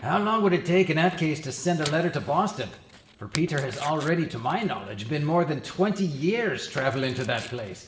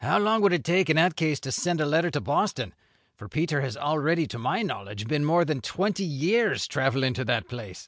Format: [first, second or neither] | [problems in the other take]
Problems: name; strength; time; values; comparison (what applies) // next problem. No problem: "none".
second | background sound (Tearing); 18 dB below the speech // room echo; dies away in 1.1 s